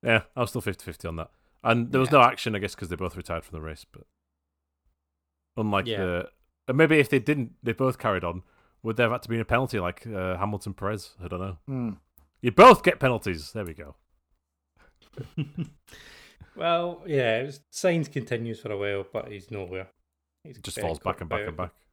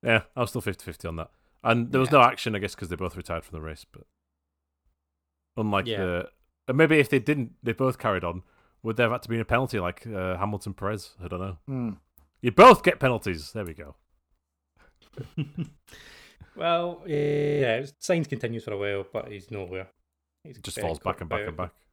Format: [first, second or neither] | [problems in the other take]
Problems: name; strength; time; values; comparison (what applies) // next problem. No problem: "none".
first | audio freezing; at 17 s